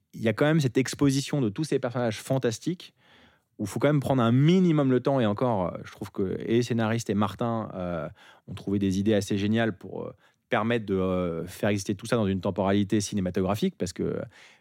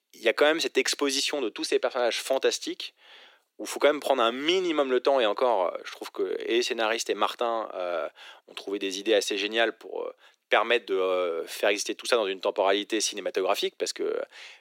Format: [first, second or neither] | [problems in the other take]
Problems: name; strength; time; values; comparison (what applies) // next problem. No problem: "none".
first | thin; very; fading below 350 Hz